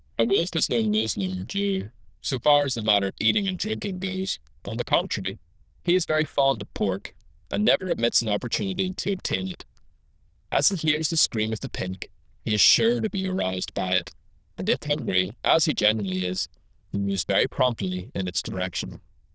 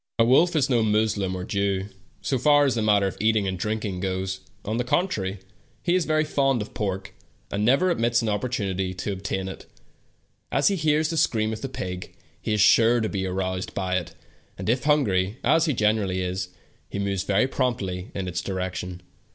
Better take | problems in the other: second | noise reduction (neural diffusion model UNIVERSE++)

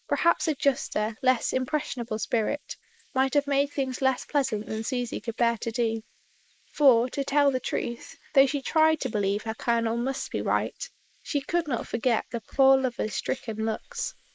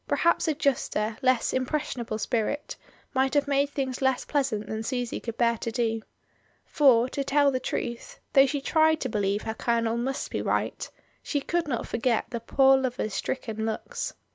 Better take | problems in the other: second | noise reduction (neural mask model Resemble Enhance denoiser)

